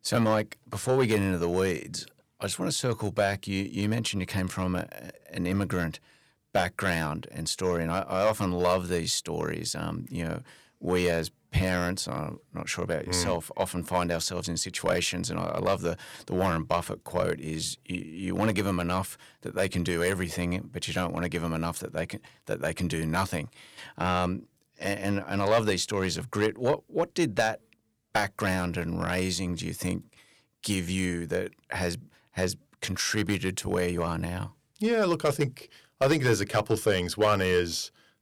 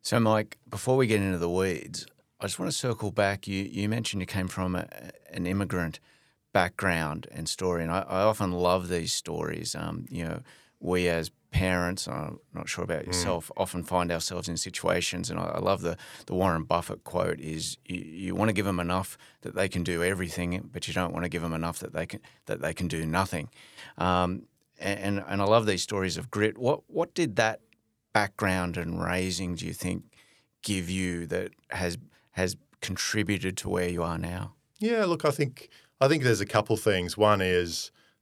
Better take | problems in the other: second | distortion; slight; 1.5% of the sound clipped

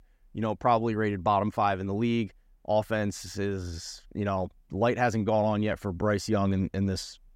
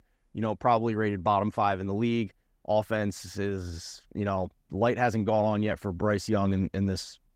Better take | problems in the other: first | garbled, watery; slightly; nothing above 16 kHz

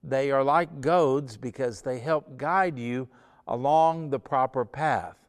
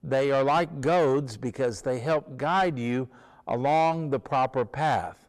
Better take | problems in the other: first | distortion; slight; 10 dB below the speech

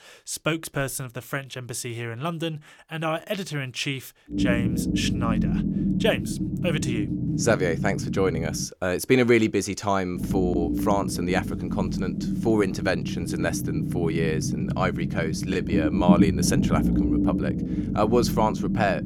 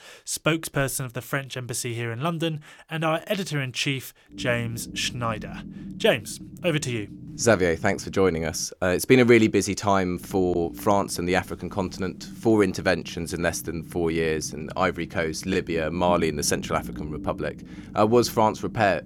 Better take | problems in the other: second | low rumble; loud; from 4.5 to 8.5 s and from 10 s on; 5 dB below the speech; faint in the second

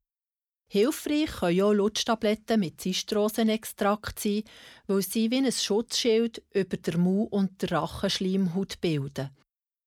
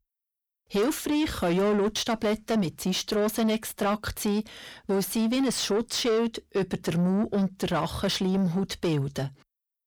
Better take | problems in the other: first | distortion; slight; 10 dB below the speech

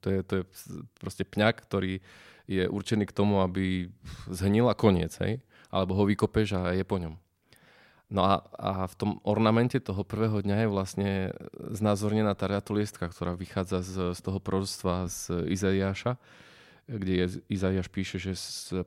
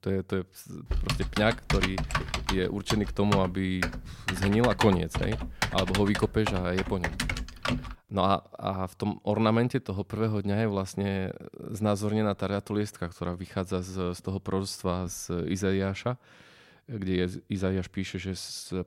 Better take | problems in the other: first | keyboard typing; loud; from 1 to 8 s; peak 1 dB above the speech

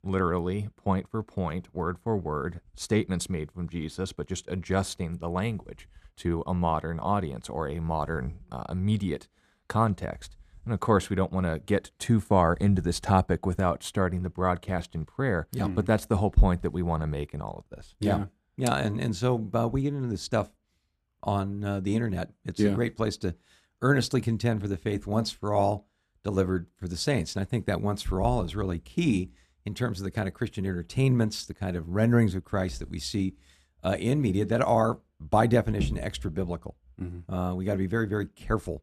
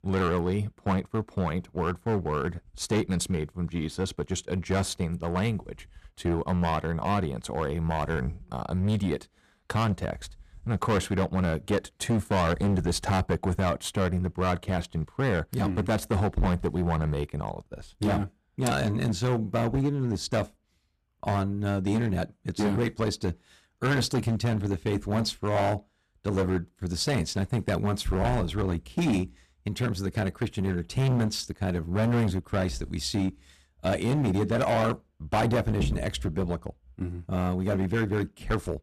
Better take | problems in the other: first | distortion; heavy; 10% of the sound clipped

